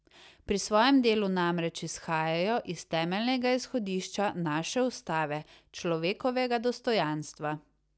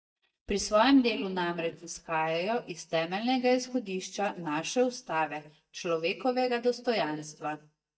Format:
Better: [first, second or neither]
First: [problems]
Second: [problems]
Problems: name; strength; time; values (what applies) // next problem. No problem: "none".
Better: first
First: none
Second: noise reduction (neural mask model DeepFilterNet 3)